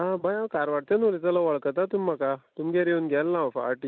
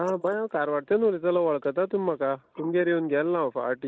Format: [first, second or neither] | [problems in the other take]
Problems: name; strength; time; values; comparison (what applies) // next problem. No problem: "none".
first | noise reduction (neural mask model Resemble Enhance denoiser)